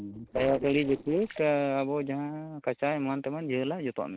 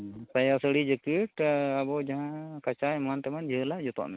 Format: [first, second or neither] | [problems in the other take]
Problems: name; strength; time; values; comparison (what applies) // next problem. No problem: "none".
second | noise reduction (neural separator model SepFormer DNS4)